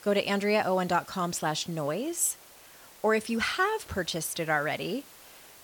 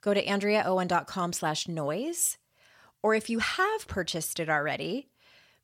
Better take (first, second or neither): second